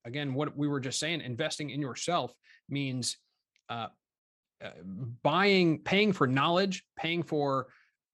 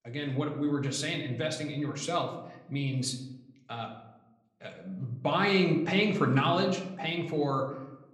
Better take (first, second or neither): first